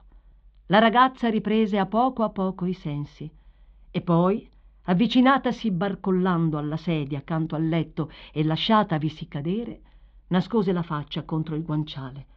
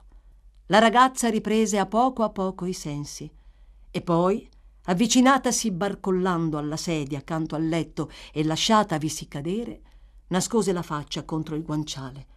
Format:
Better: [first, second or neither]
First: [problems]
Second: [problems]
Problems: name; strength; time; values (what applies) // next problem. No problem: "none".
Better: second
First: muffled; very; fading above 3.5 kHz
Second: none